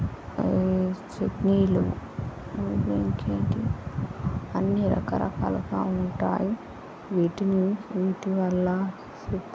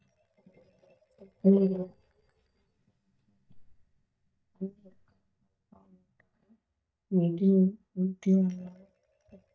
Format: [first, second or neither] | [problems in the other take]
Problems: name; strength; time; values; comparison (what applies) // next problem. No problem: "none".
first | noise reduction (neural mask model DeepFilterNet 3)